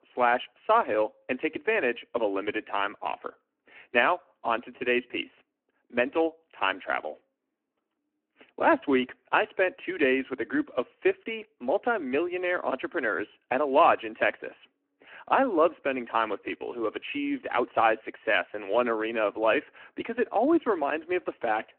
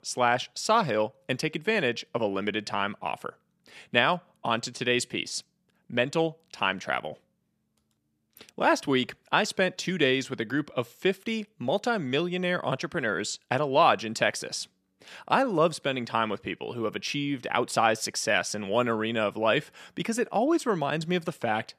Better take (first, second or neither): second